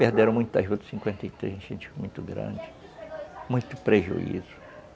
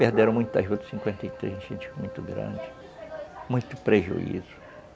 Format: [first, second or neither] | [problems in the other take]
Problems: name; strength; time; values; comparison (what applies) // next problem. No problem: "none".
first | background sound (Keyboard (musical)); 15 dB below the speech